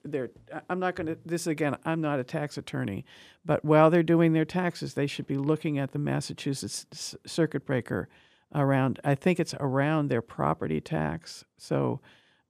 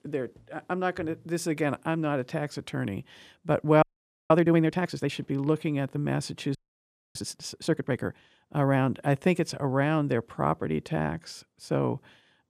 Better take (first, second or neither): first